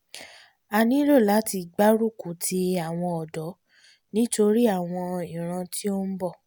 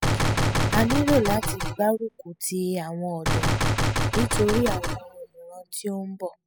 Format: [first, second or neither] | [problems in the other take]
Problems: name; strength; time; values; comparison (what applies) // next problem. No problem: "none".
first | noise reduction (classical method spectral subtraction)